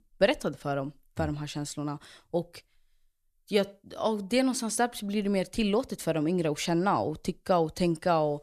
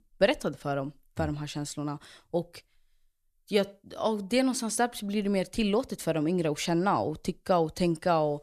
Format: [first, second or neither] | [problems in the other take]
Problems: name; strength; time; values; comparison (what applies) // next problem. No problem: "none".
neither | none